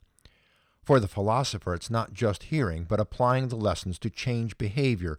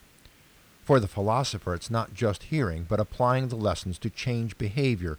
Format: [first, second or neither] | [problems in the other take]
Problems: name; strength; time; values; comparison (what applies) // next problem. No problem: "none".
first | hiss; faint; throughout; 30 dB below the speech